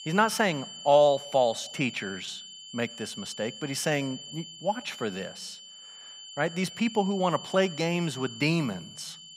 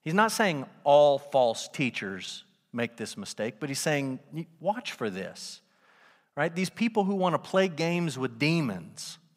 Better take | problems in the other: second | high-pitched whine; noticeable; throughout; 3 kHz, 15 dB below the speech

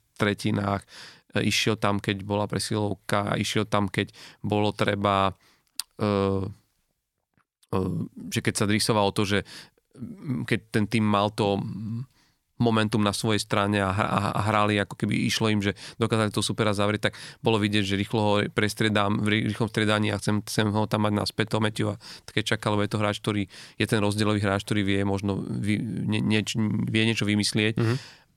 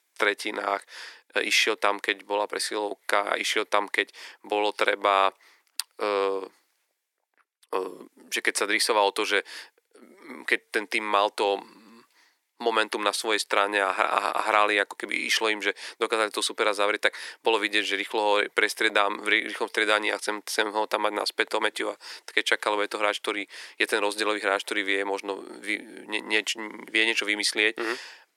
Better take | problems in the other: first | thin; very; fading below 350 Hz

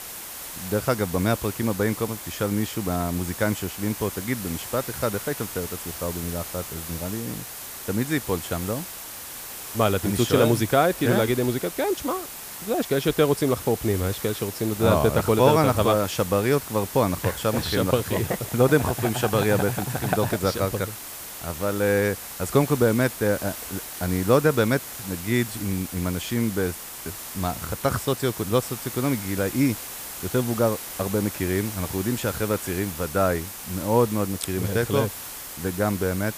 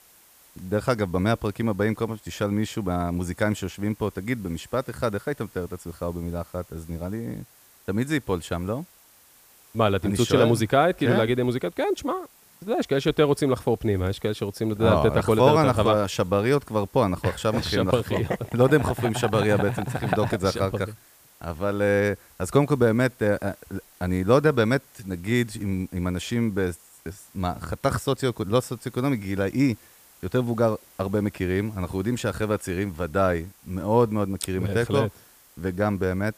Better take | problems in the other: second | hiss; loud; throughout; 9 dB below the speech; faint in the second

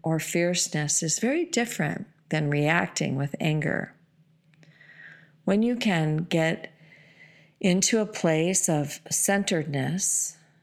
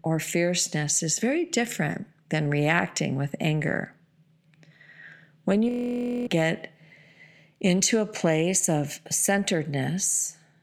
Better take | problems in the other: first | audio freezing; at 5.5 s for 0.5 s

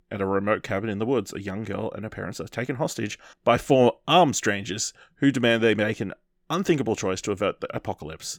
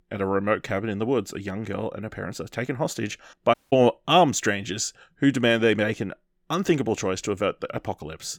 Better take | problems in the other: first | audio cutting out; at 3.5 s

